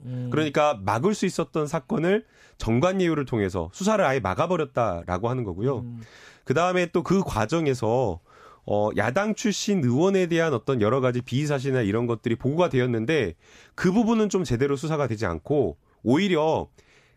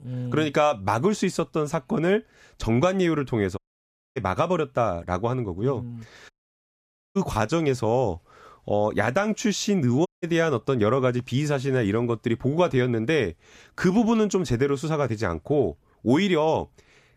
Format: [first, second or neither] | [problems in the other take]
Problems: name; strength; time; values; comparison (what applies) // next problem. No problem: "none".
first | audio cutting out; at 3.5 s for 0.5 s, at 6.5 s for 1 s and at 10 s